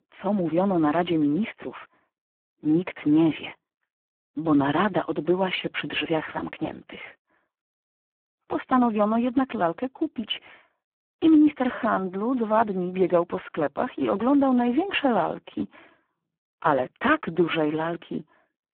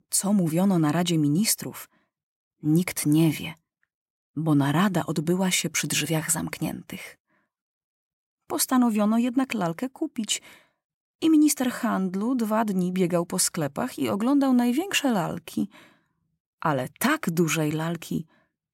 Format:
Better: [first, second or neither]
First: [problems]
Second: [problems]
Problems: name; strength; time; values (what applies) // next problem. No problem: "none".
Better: second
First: phone-call audio; poor line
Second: none